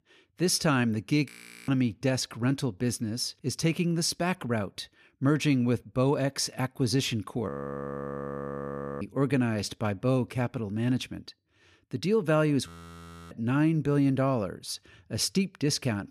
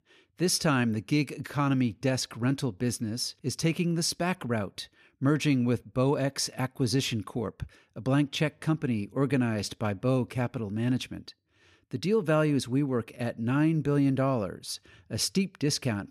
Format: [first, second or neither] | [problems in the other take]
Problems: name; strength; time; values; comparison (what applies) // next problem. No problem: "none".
second | audio freezing; at 1.5 s, at 7.5 s for 1.5 s and at 13 s for 0.5 s